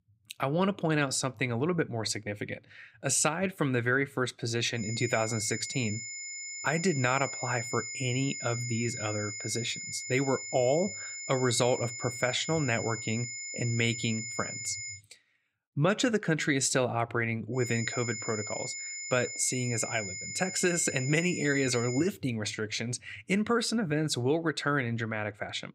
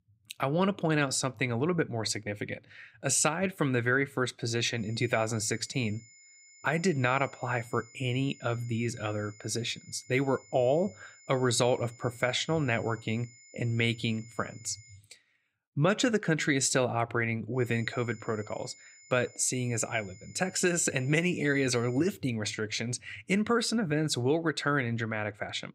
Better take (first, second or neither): second